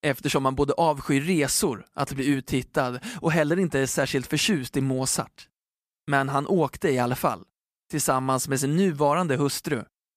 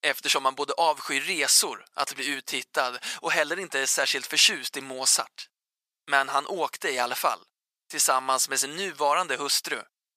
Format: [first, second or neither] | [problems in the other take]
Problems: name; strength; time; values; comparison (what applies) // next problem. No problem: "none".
first | thin; very; fading below 700 Hz